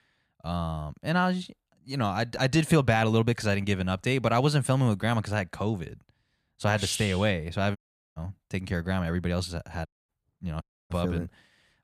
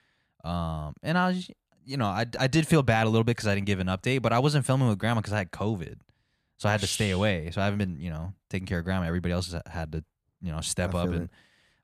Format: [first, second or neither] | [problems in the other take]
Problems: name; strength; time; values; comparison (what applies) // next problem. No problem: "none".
second | audio cutting out; at 8 s, at 10 s and at 11 s